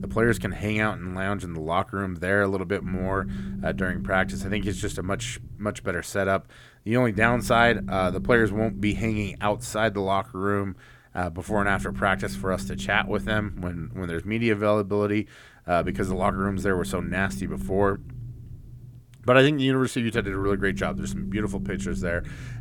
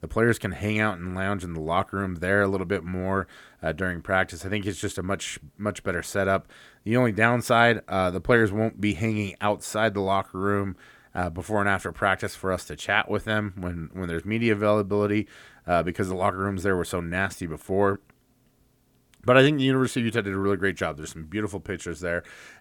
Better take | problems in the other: second | low rumble; noticeable; throughout; 20 dB below the speech

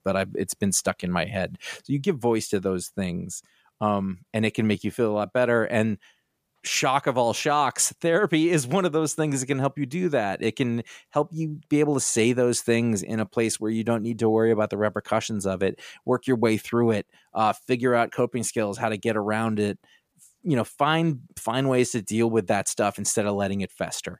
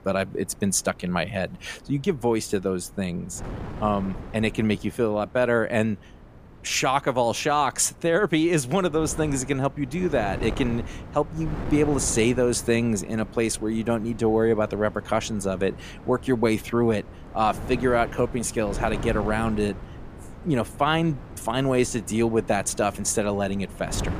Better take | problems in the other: first | wind noise on the microphone; occasional gusts; 15 dB below the speech

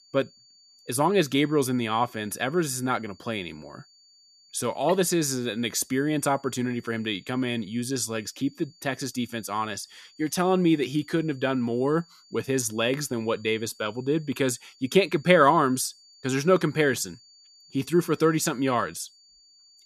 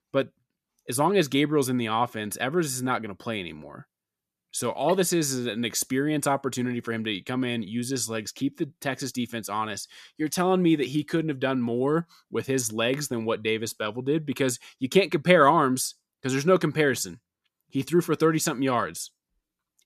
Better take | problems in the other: second | high-pitched whine; faint; throughout; 4.5 kHz, 30 dB below the speech

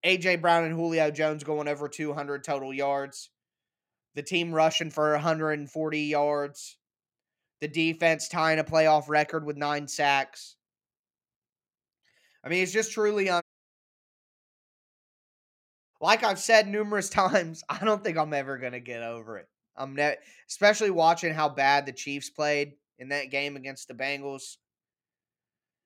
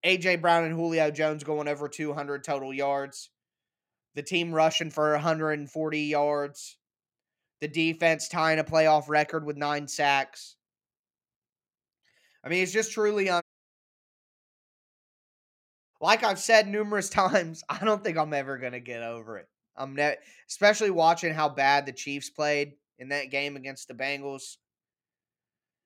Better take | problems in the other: neither | audio cutting out; at 13 s for 2.5 s; the same in both

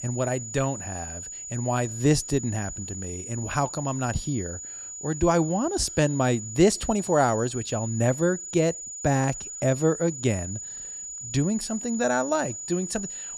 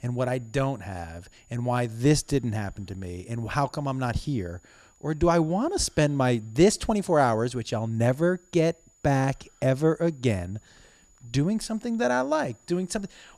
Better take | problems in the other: second | high-pitched whine; loud; throughout; 7 kHz, 9 dB below the speech; faint in the second

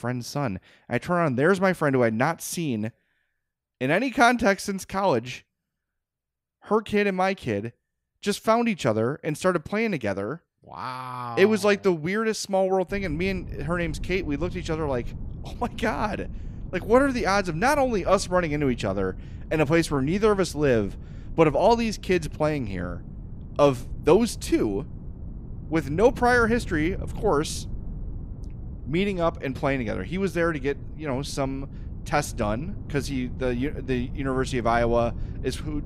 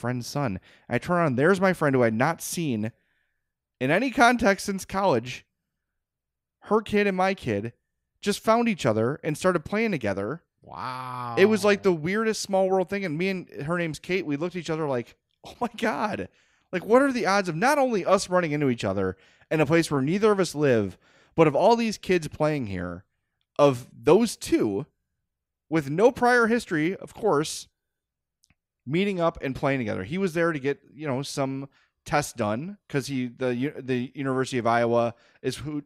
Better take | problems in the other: second | wind noise on the microphone; occasional gusts; from 13 s on; 25 dB below the speech

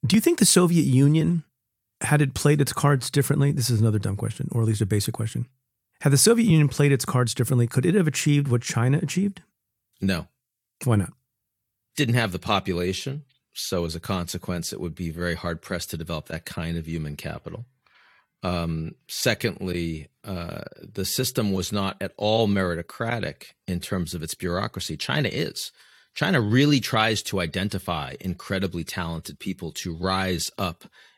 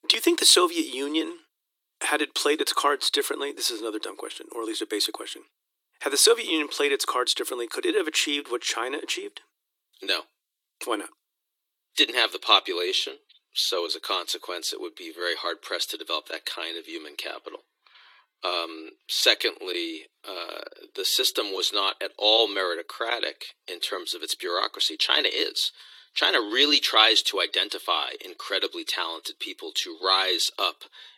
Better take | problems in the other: first | thin; very; fading below 300 Hz

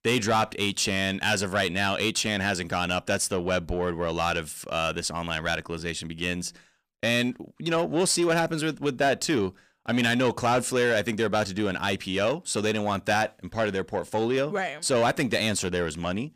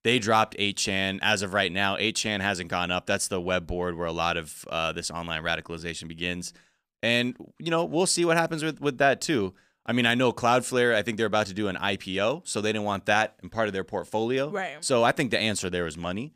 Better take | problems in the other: second | distortion; slight; 10 dB below the speech

